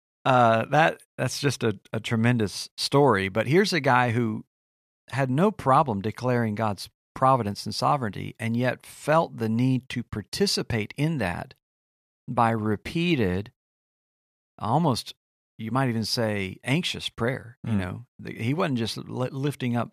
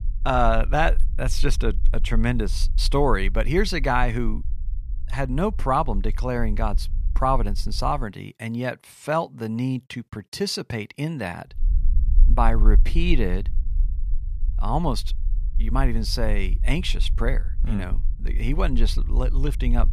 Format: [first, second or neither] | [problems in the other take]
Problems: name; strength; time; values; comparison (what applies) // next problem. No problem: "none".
first | low rumble; faint; until 8 s and from 12 s on; 25 dB below the speech